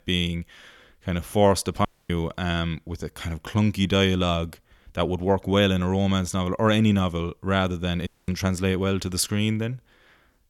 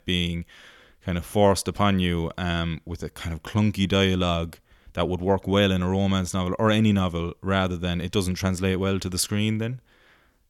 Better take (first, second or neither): second